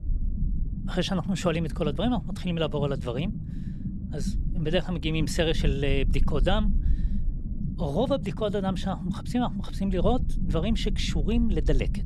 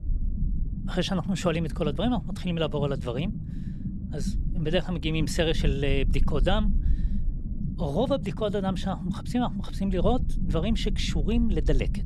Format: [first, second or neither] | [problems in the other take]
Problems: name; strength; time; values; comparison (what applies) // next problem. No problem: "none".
neither | low rumble; noticeable; throughout; 15 dB below the speech; the same in both